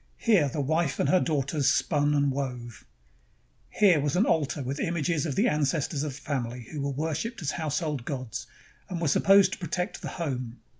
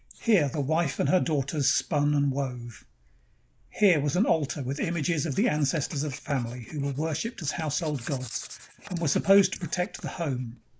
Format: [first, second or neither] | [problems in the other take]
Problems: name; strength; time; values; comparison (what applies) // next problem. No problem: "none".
first | noise reduction (neural mask model Resemble Enhance denoiser)